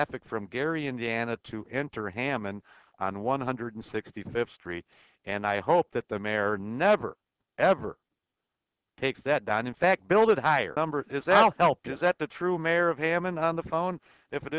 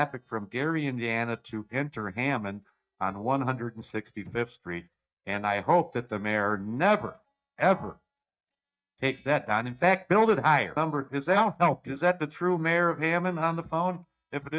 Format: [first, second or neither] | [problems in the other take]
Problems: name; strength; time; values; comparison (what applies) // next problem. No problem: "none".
first | noise reduction (neural mask model DeepFilterNet 3)